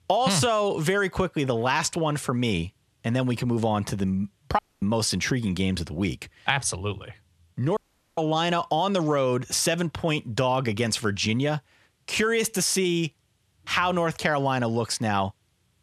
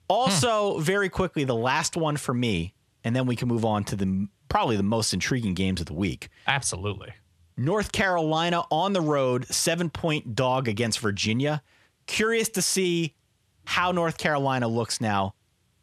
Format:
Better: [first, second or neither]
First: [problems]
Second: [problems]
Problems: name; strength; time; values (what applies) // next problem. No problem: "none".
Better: second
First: audio cutting out; at 4.5 s and at 8 s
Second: none